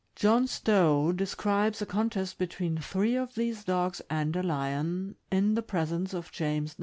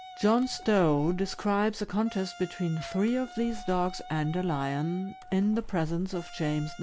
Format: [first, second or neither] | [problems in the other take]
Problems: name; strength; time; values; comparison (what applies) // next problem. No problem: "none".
first | background sound (Wind instrument, woodwind instrument + Splash, splatter); 13 dB below the speech